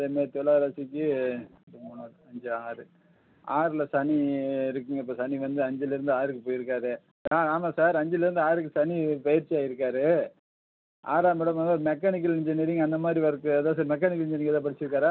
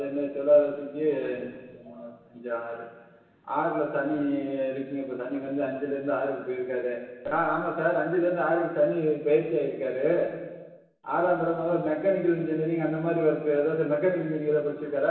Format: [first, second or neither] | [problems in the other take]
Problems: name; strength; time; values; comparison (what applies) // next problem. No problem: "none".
first | room echo; dies away in 1.2 s